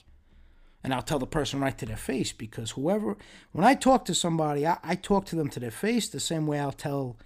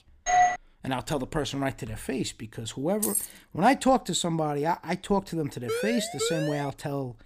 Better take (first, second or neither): first